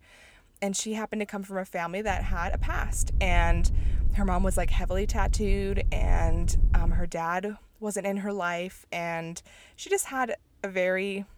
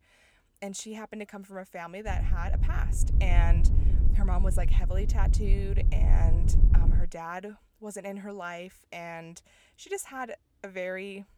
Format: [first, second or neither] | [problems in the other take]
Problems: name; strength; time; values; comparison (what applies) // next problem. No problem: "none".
first | wind noise on the microphone; heavy; from 2 to 7 s; 7 dB below the speech; occasional gusts in the first